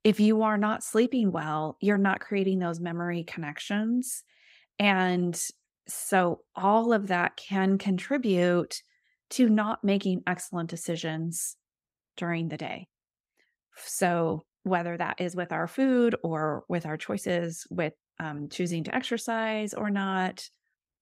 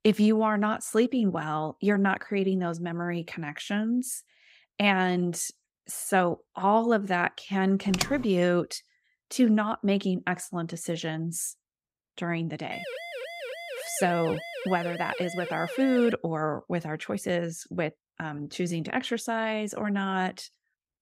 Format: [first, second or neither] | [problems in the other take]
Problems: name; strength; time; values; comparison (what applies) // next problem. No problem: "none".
first | keyboard typing; noticeable; at 8 s; peak 3 dB below the speech // siren; noticeable; from 13 to 16 s; peak 8 dB below the speech